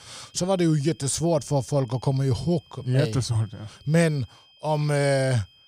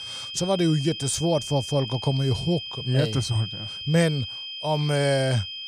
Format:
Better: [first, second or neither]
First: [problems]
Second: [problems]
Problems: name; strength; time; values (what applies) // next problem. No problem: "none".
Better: first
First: high-pitched whine; faint; throughout; 3 kHz, 30 dB below the speech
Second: high-pitched whine; loud; throughout; 3 kHz, 8 dB below the speech